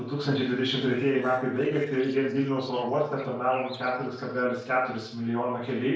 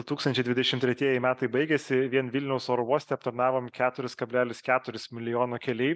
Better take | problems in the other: second | noise reduction (neural separator model SepFormer DNS4)

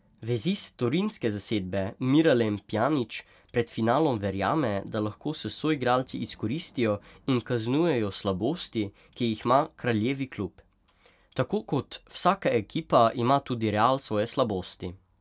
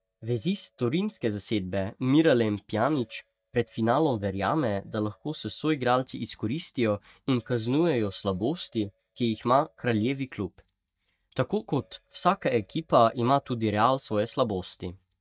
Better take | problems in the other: first | noise reduction (neural mask model DeepFilterNet 3)

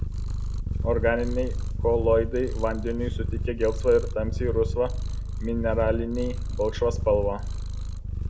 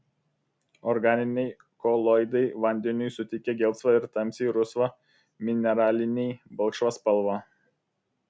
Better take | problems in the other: second | background sound (Purr); 1 dB below the speech // room echo; dies away in 0.7 s

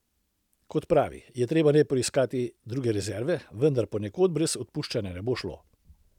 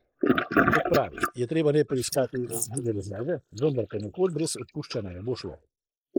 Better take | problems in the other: first | noise reduction (neural mask model Resemble Enhance denoiser)

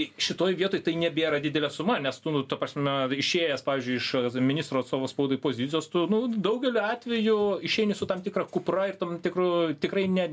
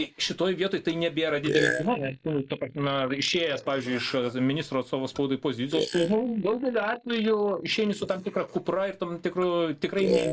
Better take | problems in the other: first | noise reduction (neural mask model Resemble Enhance denoiser)

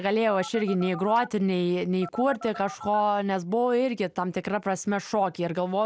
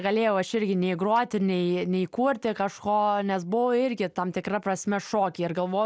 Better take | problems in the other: second | background sound (Telephone); 15 dB below the speech

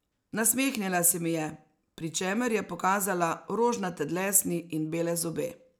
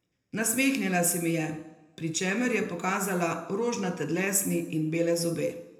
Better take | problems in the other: first | room echo; dies away in 0.7 s

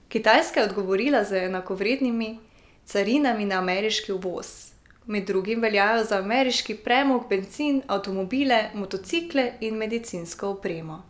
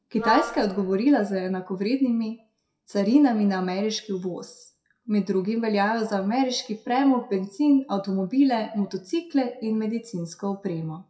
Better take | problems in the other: first | noise reduction (classical method WPE with log-MMSE)

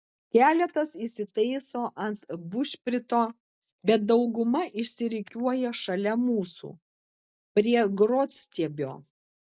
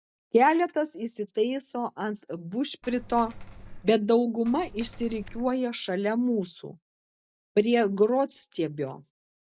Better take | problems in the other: first | background sound (Coin (dropping)); 15 dB below the speech

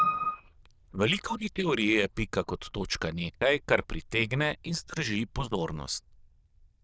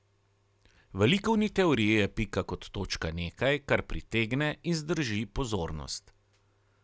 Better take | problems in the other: second | noise reduction (neural diffusion model UNIVERSE++)

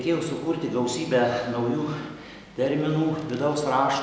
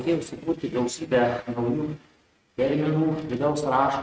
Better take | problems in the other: first | noise reduction (neural mask model RNNoise)

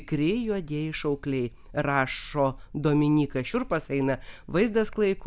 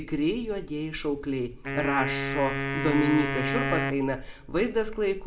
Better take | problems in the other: first | background sound (Wind instrument, woodwind instrument); 3 dB below the speech // room echo; dies away in 0.7 s

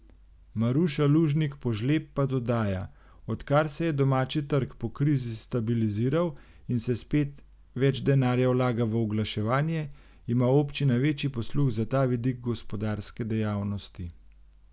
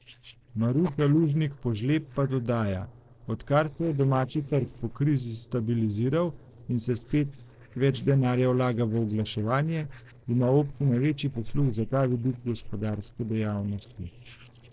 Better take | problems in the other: first | noise reduction (neural separator model SepFormer DNS4)

